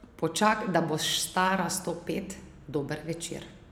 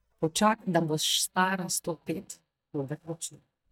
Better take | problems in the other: first | noise reduction (neural mask model DeepFilterNet 3)

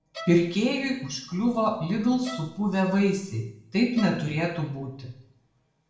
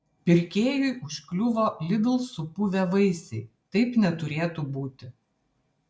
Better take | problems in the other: second | background sound (Bowed string instrument); 20 dB below the speech // room echo; dies away in 0.7 s

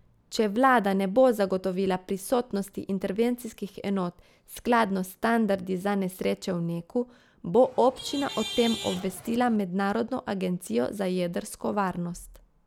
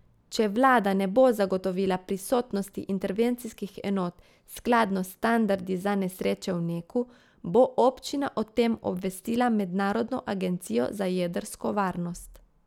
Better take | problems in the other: second | background sound (Traffic noise, roadway noise / Vehicle horn, car horn, honking); 11 dB below the speech

